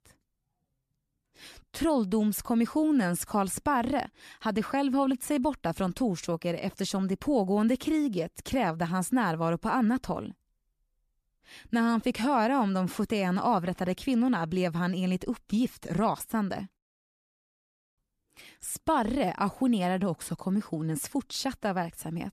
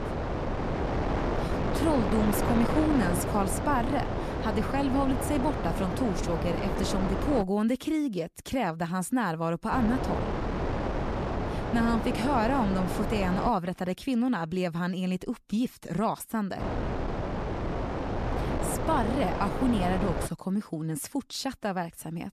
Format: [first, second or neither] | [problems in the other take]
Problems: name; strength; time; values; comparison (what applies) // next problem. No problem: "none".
first | wind noise on the microphone; heavy; until 7.5 s, from 9.5 to 13 s and from 17 to 20 s; 2 dB below the speech